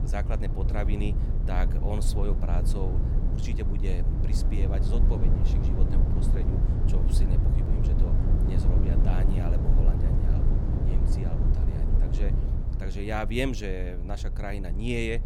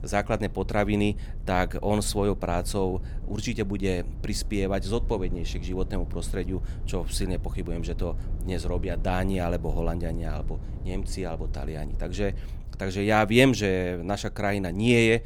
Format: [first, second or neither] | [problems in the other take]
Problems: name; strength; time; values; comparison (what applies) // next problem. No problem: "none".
second | low rumble; loud; throughout; 3 dB below the speech; faint in the second